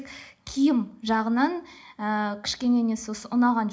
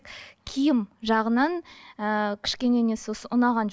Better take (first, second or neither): second